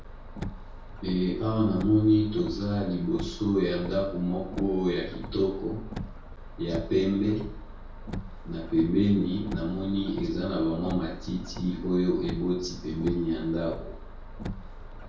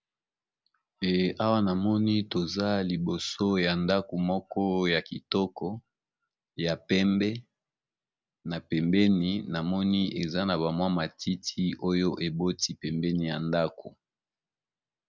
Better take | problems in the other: second | background sound (Car); 10 dB below the speech // room echo; dies away in 0.6 s

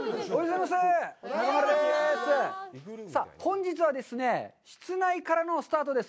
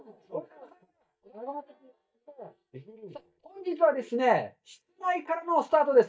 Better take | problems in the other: first | noise reduction (neural mask model DeepFilterNet 3)

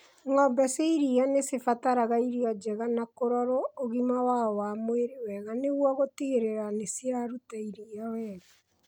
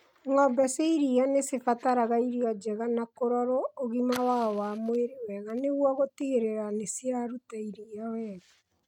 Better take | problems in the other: first | noise reduction (neural mask model RNNoise)

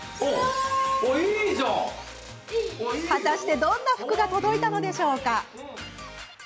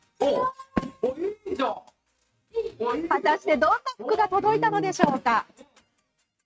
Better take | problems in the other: first | noise reduction (neural mask model RNNoise)

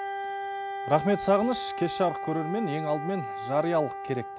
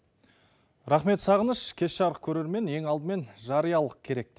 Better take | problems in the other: second | background sound (Wind instrument, woodwind instrument); 6 dB below the speech

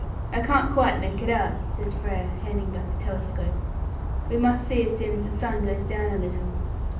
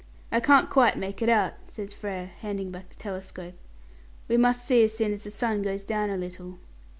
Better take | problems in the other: second | background sound (Bird vocalization, bird call, bird song); as loud as the speech // room echo; dies away in 0.6 s

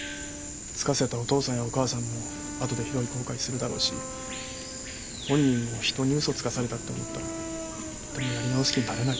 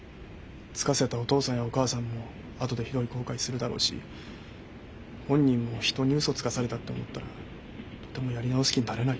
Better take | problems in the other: second | background sound (Brass instrument + Bird vocalization, bird call, bird song); 7 dB below the speech

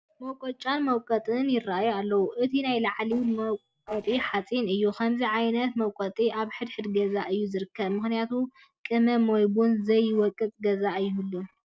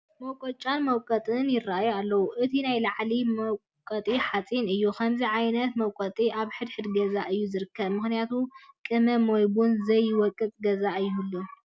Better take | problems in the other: second | noise reduction (neural separator model SepFormer DNS4)

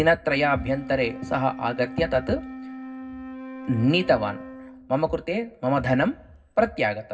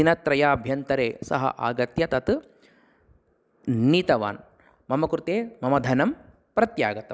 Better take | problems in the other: second | background sound (Wind instrument, woodwind instrument); 14 dB below the speech // room echo; dies away in 0.4 s

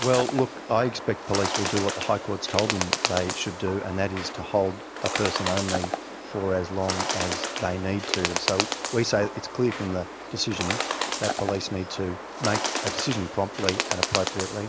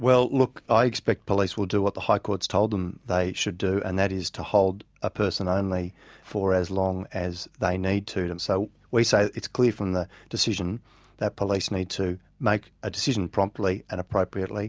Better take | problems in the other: second | background sound (Bird); 3 dB below the speech

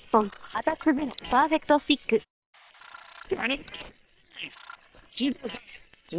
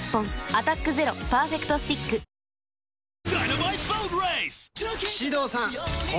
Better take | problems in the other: second | noise reduction (neural separator model SepFormer WHAM!)

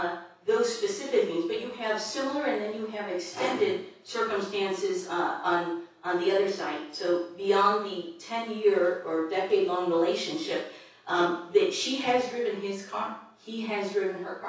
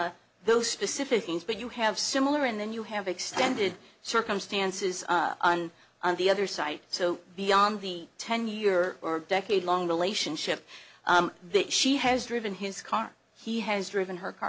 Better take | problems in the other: second | room echo; dies away in 0.6 s

